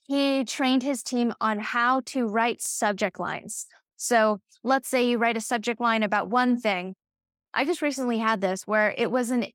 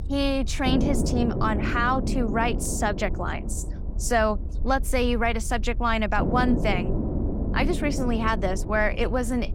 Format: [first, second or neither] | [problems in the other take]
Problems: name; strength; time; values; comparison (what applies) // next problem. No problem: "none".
first | low rumble; loud; throughout; 10 dB below the speech